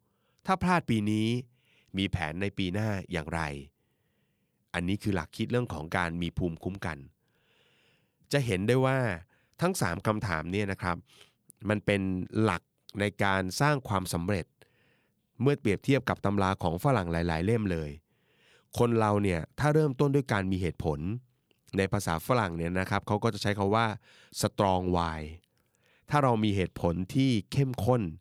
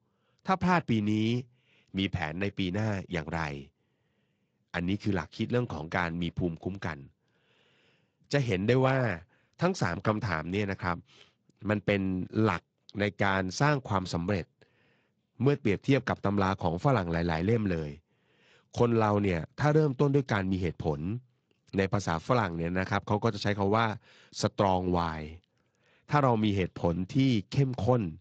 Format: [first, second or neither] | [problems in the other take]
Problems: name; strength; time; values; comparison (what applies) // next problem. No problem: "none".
first | garbled, watery; slightly; nothing above 7.5 kHz